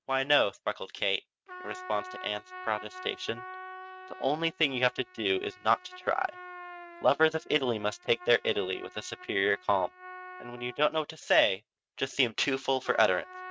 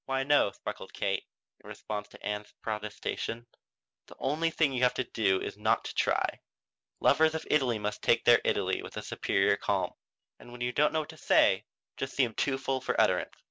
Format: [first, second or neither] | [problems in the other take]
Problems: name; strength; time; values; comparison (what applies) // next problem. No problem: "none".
second | noise reduction (neural mask model RNNoise)